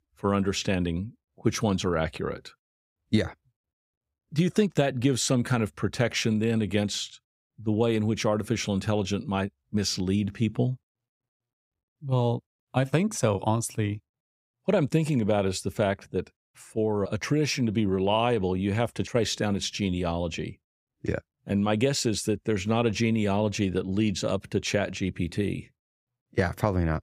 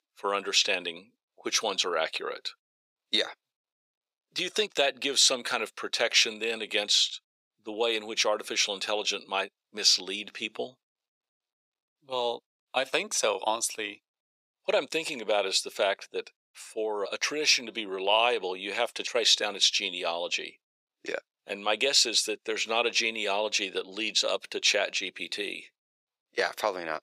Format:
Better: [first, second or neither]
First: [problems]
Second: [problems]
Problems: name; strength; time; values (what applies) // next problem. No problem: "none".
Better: first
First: none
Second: thin; very; fading below 500 Hz